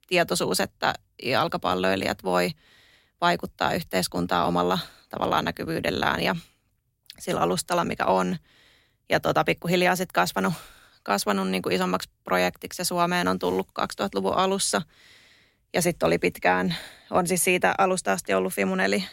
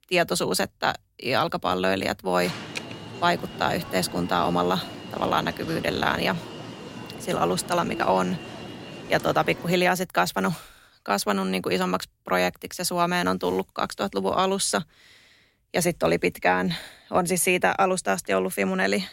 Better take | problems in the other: first | alarm; noticeable; from 2.5 to 9.5 s; peak 8 dB below the speech

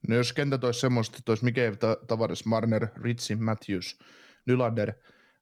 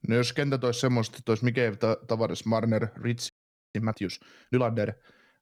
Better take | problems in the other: first | audio freezing; at 3.5 s

